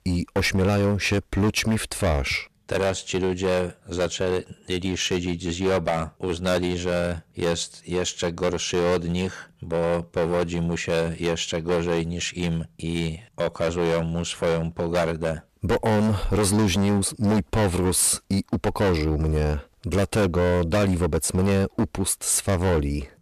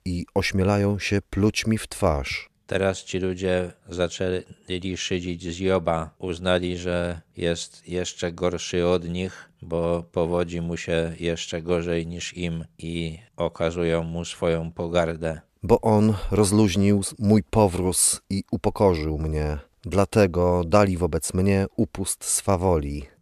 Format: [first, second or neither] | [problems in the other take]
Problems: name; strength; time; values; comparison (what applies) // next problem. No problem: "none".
second | distortion; heavy; 14% of the sound clipped